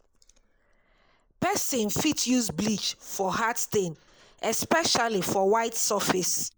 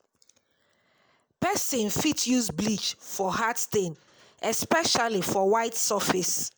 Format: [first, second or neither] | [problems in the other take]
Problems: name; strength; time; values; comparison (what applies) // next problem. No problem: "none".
second | noise reduction (neural mask model Resemble Enhance denoiser)